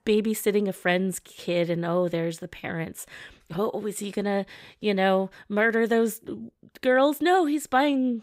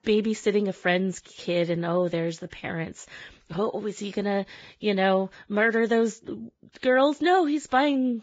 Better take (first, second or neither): first